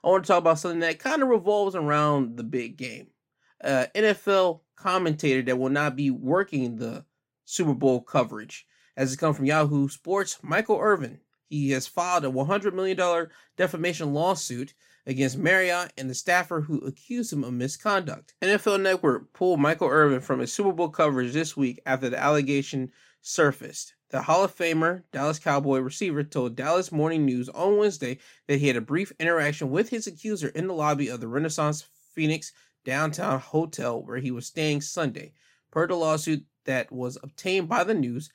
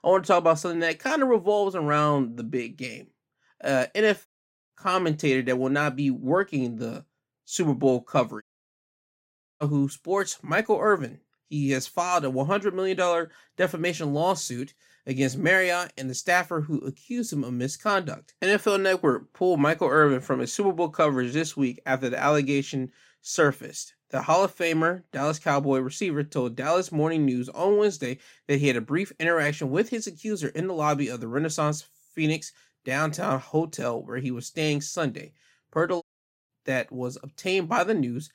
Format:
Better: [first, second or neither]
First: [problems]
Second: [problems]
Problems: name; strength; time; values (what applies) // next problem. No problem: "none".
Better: first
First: none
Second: audio cutting out; at 4.5 s, at 8.5 s for 1 s and at 36 s